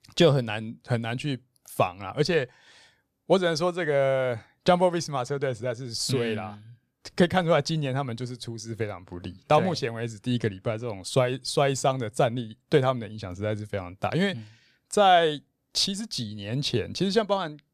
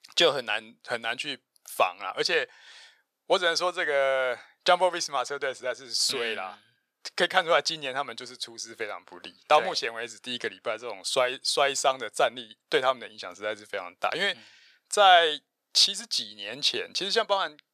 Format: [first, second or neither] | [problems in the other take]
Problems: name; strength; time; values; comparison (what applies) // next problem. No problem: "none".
first | thin; very; fading below 600 Hz